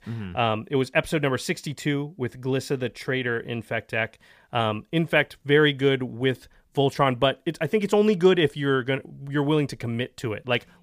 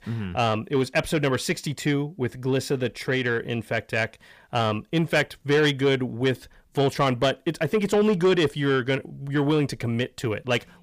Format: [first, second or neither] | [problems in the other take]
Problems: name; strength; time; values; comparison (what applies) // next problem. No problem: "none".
first | distortion; slight; 10 dB below the speech